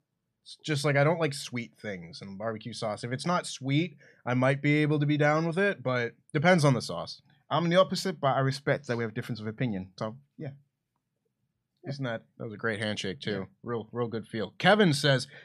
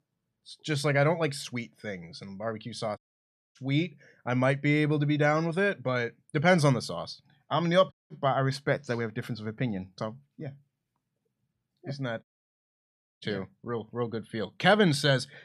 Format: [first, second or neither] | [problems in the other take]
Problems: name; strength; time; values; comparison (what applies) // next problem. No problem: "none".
first | audio cutting out; at 3 s for 0.5 s, at 8 s and at 12 s for 1 s